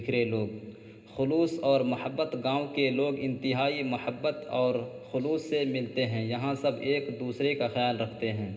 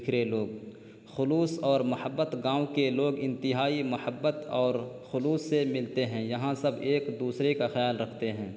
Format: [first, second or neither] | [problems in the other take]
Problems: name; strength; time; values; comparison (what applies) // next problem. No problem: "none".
second | room echo; dies away in 0.2 s